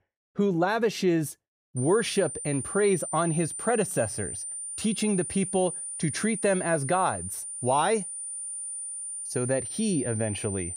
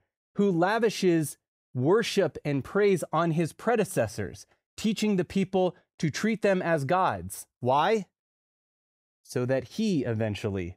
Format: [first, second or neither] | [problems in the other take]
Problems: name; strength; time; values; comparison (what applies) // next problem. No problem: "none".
second | high-pitched whine; loud; from 2 s on; 9.5 kHz, 6 dB below the speech